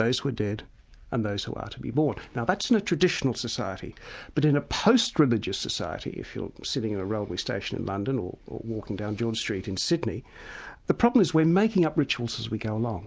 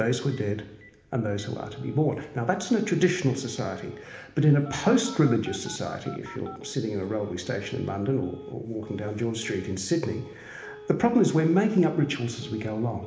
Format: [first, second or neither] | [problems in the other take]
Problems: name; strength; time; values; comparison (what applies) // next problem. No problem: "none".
first | background sound (Telephone); 20 dB below the speech // room echo; dies away in 1 s